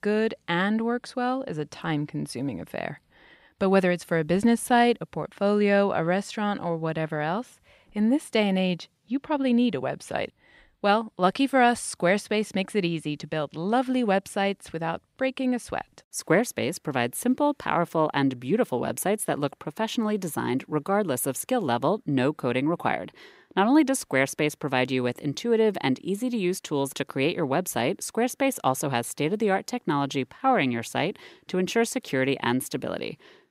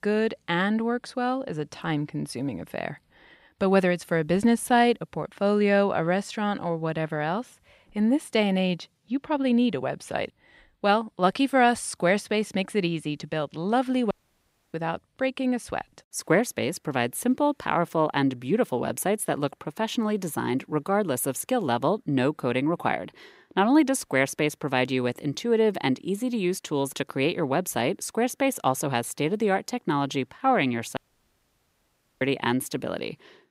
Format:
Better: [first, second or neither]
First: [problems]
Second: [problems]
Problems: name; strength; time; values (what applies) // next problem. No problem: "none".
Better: first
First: none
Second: audio cutting out; at 14 s for 0.5 s and at 31 s for 1 s